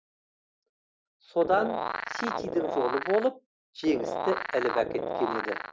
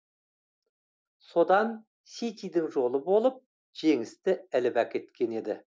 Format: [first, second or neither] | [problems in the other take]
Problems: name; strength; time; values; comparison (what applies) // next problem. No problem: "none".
second | background sound (Animal); 2 dB below the speech